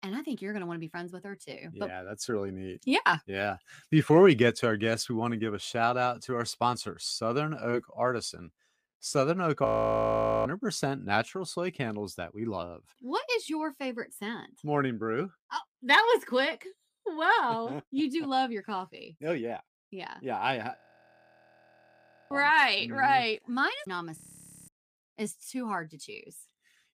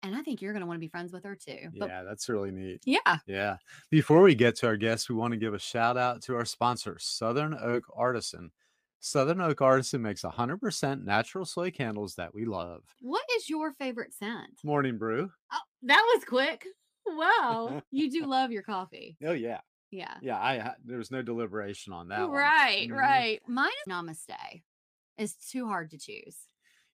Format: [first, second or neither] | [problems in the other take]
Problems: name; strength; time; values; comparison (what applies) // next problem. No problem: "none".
second | audio freezing; at 9.5 s for 1 s, at 21 s for 1.5 s and at 24 s for 0.5 s